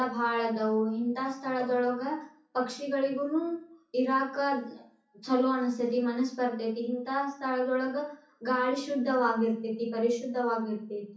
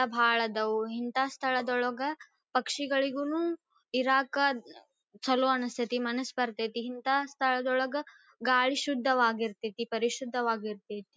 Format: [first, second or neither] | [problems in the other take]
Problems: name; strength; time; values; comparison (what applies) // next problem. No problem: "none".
second | room echo; dies away in 0.6 s